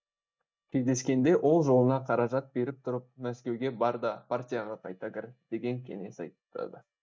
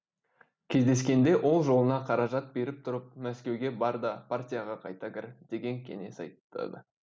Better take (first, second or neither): second